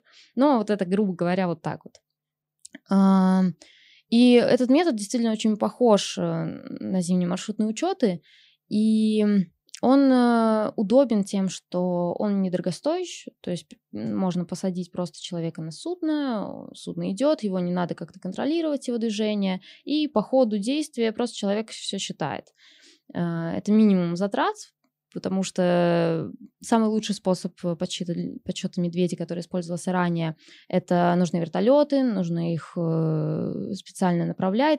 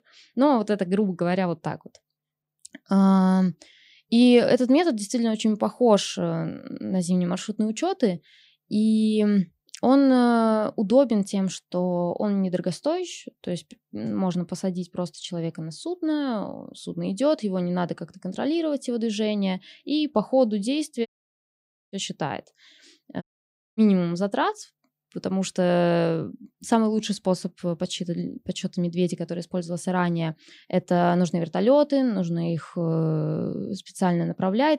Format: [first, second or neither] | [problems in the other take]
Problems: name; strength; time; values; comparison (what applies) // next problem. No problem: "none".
first | audio cutting out; at 21 s for 1 s and at 23 s for 0.5 s